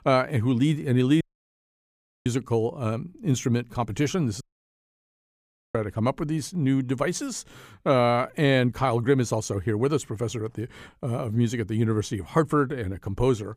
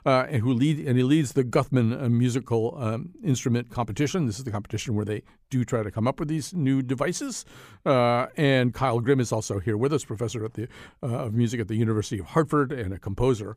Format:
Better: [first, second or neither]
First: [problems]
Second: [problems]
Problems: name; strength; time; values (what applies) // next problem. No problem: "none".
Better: second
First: audio cutting out; at 1 s for 1 s and at 4.5 s for 1.5 s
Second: none